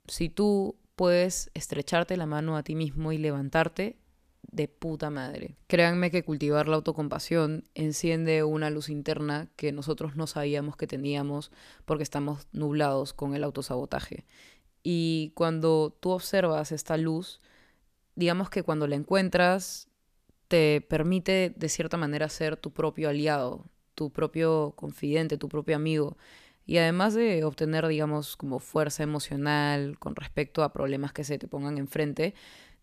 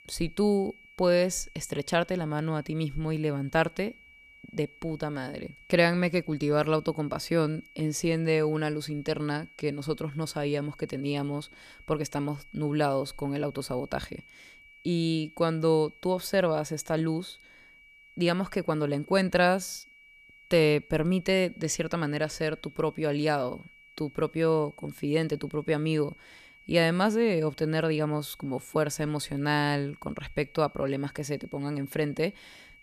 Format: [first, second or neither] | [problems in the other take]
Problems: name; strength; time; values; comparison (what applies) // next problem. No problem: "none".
first | high-pitched whine; faint; throughout; 2.5 kHz, 25 dB below the speech